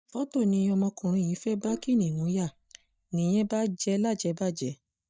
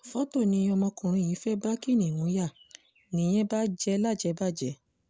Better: second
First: noise reduction (neural mask model DeepFilterNet 3)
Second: none

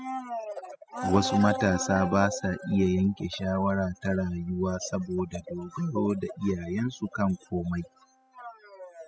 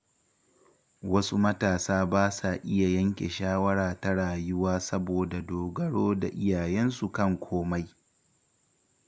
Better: second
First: noise reduction (classical method spectral subtraction)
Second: none

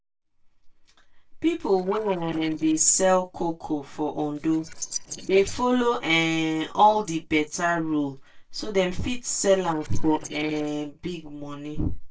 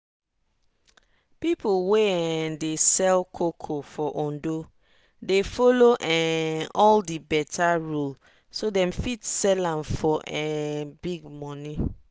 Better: second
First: noise reduction (neural separator model SepFormer DNS4)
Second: none

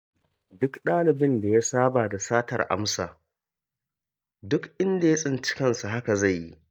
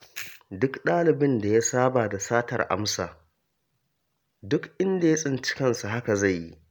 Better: second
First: noise reduction (neural mask model DeepFilterNet 3)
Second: none

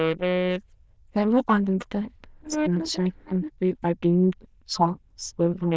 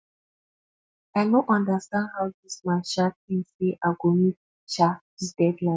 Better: second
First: noise reduction (neural diffusion model UNIVERSE++)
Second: none

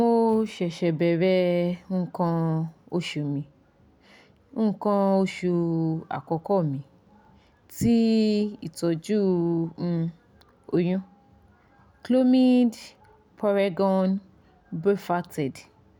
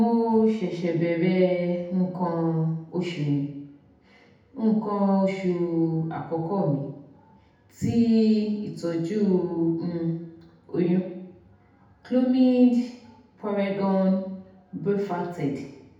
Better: first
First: none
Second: room echo; dies away in 0.8 s

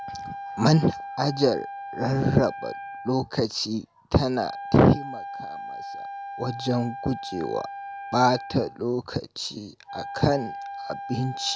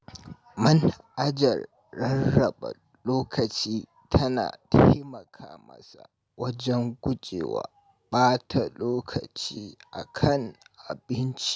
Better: second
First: background sound (Wind instrument, woodwind instrument); 11 dB below the speech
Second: none

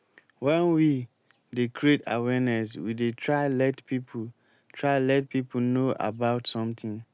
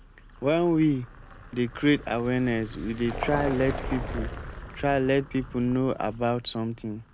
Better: first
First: none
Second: background sound (Vehicle); 11 dB below the speech

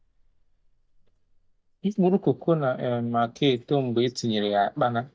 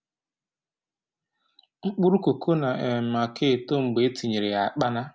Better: second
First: noise reduction (neural mask model DeepFilterNet 3)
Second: none

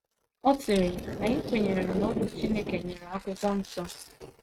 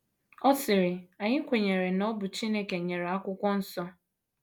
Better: second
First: noise reduction (neural mask model RNNoise)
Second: none

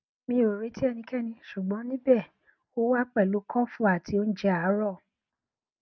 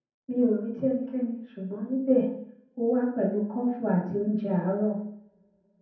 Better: first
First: none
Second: room echo; dies away in 0.7 s

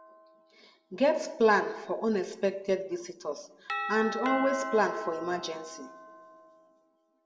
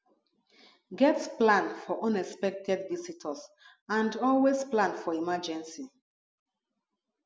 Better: second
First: background sound (Doorbell); 10 dB below the speech // room echo; dies away in 1.1 s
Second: none

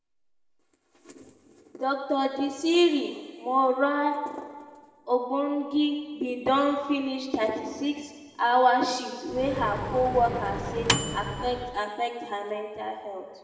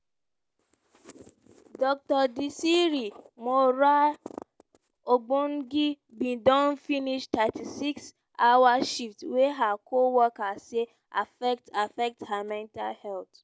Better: second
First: background sound (Microwave oven); 4 dB below the speech // room echo; dies away in 1.9 s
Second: none

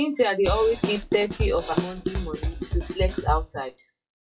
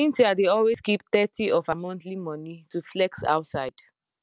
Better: second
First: noise reduction (classical method WPE with log-MMSE)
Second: none

